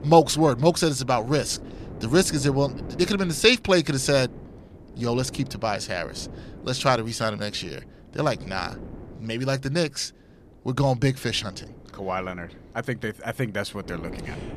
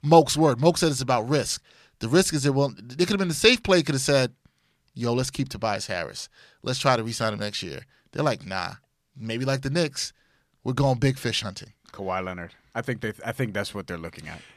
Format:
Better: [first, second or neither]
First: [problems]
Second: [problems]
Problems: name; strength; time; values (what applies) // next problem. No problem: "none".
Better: second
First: wind noise on the microphone; occasional gusts; 20 dB below the speech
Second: none